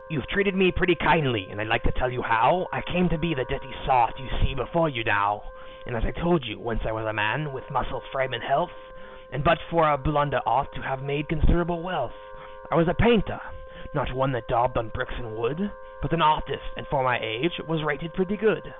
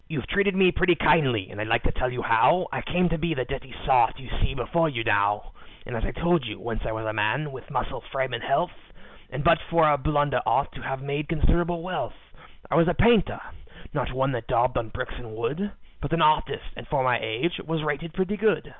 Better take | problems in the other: second | background sound (Wind instrument, woodwind instrument); 19 dB below the speech

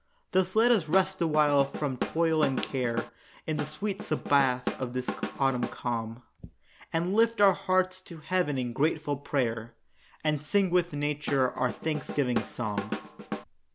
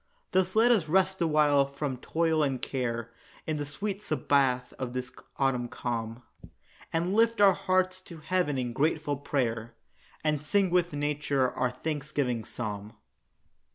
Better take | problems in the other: second | background sound (Drum / Drum kit); 8 dB below the speech

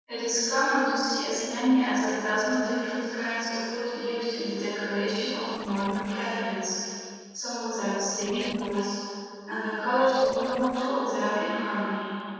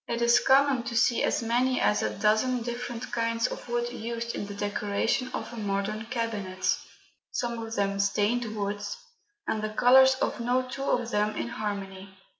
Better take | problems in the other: second | noise reduction (neural separator model SepFormer DNS4)

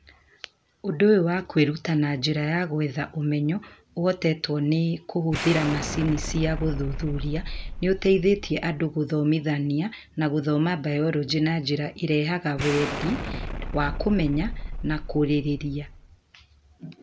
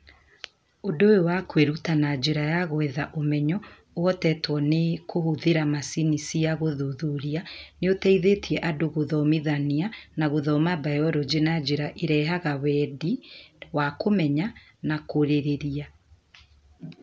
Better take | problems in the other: second | background sound (Explosion); 7 dB below the speech

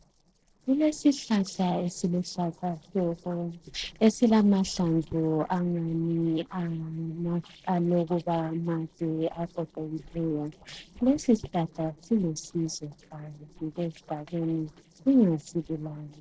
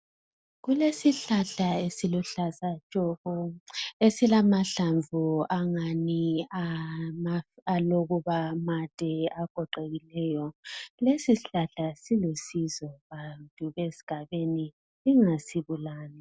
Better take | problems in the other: second | noise reduction (neural separator model SepFormer DNS4)

